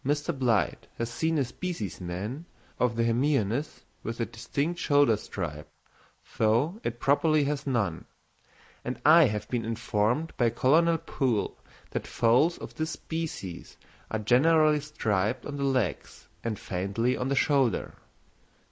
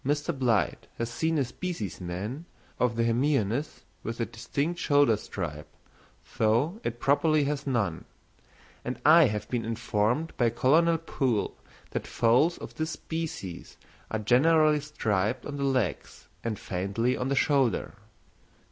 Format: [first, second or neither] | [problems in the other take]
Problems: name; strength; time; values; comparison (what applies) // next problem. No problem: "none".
second | noise reduction (neural mask model Resemble Enhance denoiser)